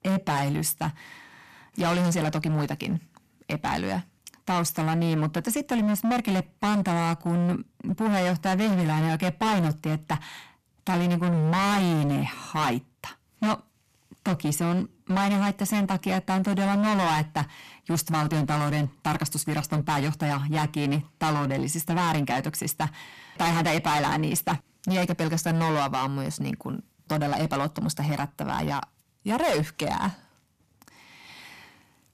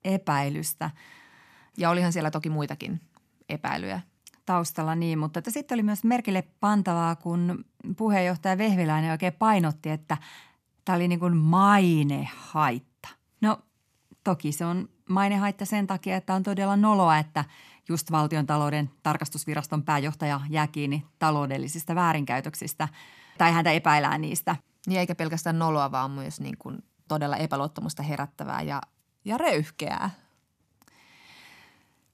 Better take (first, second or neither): second